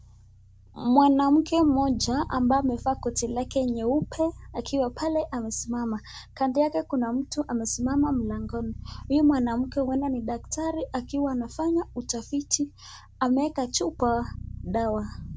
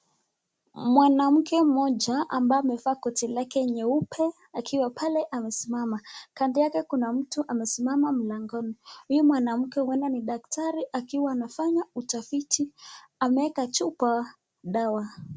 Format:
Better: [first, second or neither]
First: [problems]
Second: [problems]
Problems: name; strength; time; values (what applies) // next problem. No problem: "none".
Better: second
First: background sound (Bass guitar); 15 dB below the speech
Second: none